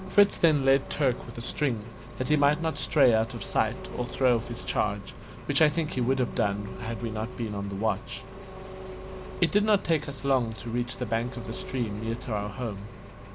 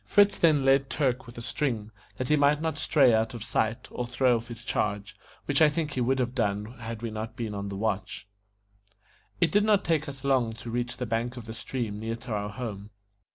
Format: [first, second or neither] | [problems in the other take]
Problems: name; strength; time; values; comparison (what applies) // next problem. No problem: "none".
second | background sound (Engine); 12 dB below the speech